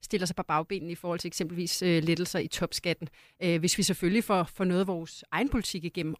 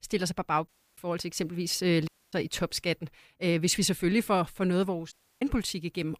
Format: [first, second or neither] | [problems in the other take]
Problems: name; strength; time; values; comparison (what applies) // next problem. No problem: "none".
first | audio cutting out; at 0.5 s, at 2 s and at 5 s